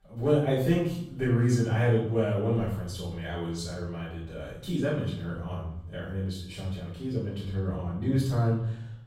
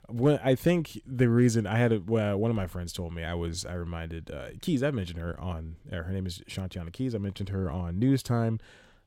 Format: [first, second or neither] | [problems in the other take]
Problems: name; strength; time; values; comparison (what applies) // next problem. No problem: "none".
second | off-mic speech; far // room echo; noticeable; dies away in 0.6 s